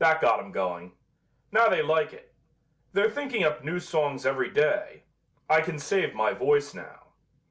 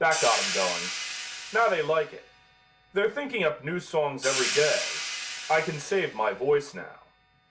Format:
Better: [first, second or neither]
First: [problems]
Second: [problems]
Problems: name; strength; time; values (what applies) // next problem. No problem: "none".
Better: first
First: none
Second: background sound (Hi-hat); 6 dB below the speech